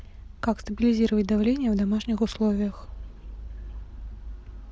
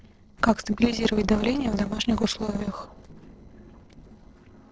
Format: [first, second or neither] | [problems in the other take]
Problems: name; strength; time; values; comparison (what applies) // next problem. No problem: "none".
first | noise reduction (neural separator model SepFormer DNS4)